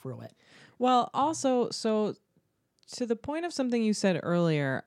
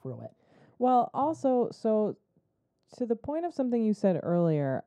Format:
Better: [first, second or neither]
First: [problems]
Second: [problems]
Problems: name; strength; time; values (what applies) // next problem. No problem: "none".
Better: first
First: none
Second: muffled; very; fading above 1.5 kHz